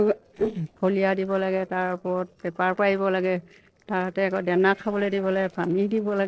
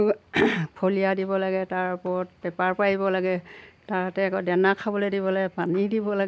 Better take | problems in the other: second | noise reduction (neural separator model SepFormer DNS4)

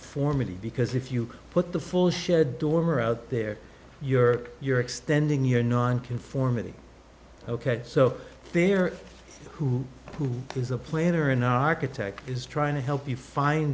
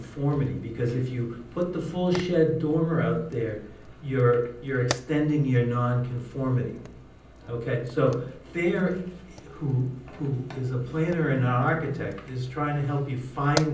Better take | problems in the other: first | background sound (Fire); 16 dB below the speech // room echo; dies away in 0.6 s

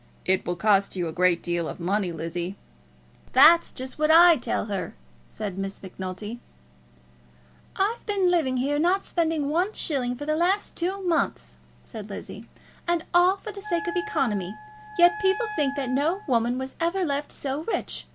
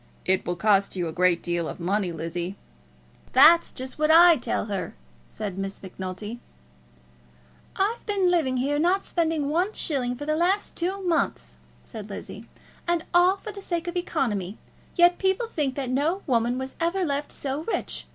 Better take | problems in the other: second | background sound (Wind instrument, woodwind instrument); 11 dB below the speech

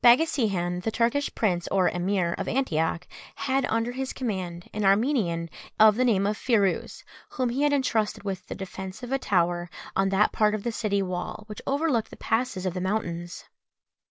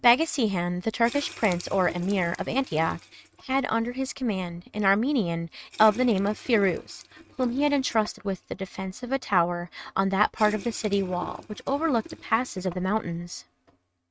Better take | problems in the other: first | noise reduction (neural mask model RNNoise)

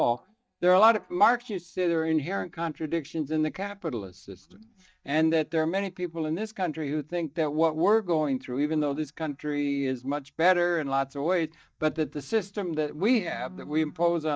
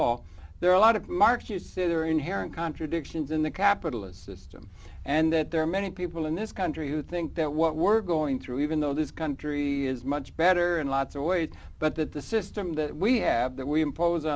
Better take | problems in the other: second | noise reduction (neural mask model DeepFilterNet 3)

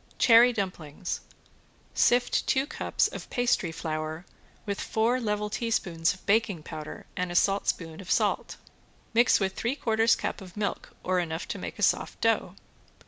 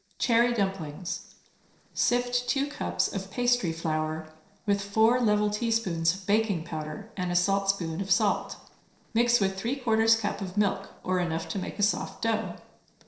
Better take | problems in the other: first | noise reduction (neural separator model SepFormer DNS4)

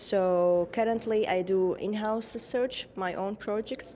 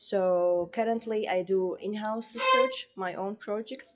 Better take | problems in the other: first | noise reduction (classical method WPE with log-MMSE)

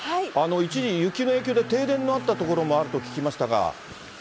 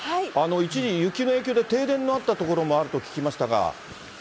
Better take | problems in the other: second | background sound (Bowed string instrument); 15 dB below the speech

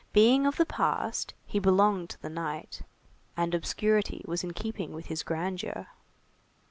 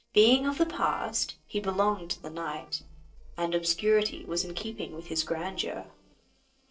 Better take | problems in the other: first | noise reduction (neural separator model SepFormer DNS4)

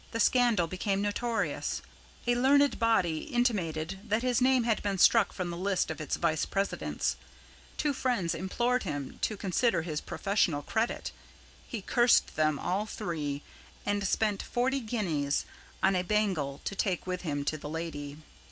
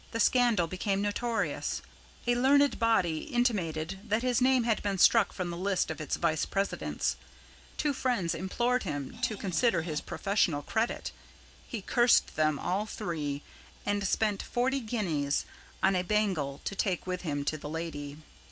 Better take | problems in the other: first | background sound (Screech); 16 dB below the speech

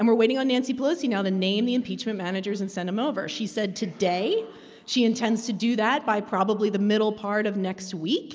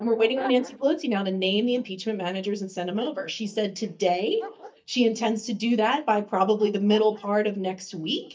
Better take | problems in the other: first | noise reduction (neural mask model DeepFilterNet 3)

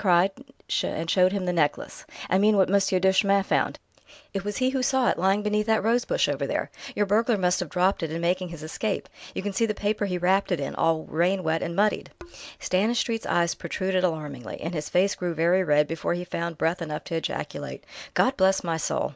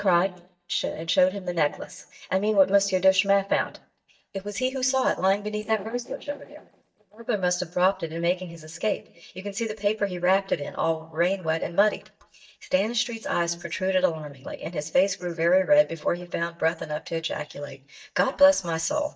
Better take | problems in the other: first | noise reduction (neural mask model DeepFilterNet 3)

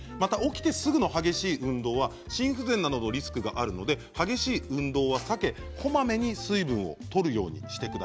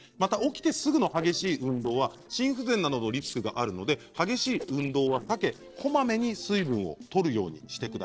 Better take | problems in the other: first | noise reduction (neural separator model SepFormer DNS4)

